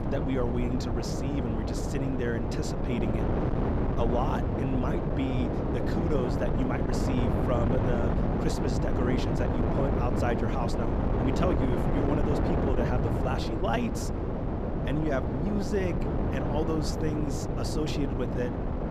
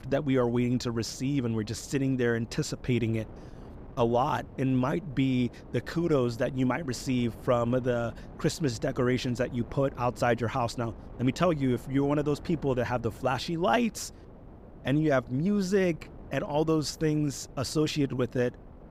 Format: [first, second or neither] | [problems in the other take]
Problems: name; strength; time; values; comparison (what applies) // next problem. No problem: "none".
second | wind noise on the microphone; heavy; 1 dB above the speech; occasional gusts in the second